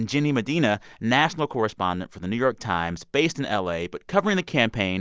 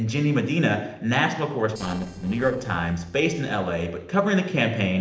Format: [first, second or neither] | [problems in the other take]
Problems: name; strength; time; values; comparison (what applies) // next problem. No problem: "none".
first | noise reduction (neural separator model SepFormer DNS4)